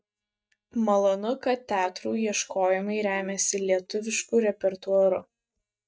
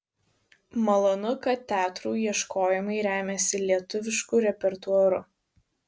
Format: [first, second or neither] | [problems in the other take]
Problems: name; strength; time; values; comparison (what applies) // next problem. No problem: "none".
second | noise reduction (neural mask model DeepFilterNet 3)